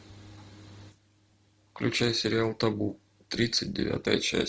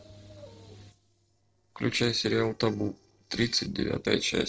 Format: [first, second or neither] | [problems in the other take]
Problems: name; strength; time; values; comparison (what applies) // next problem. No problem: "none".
first | noise reduction (neural separator model SepFormer DNS4)